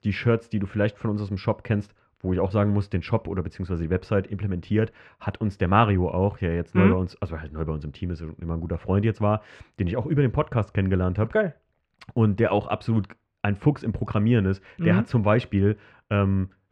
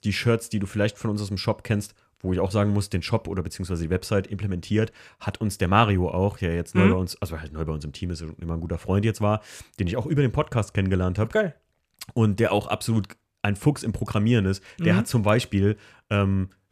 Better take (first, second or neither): second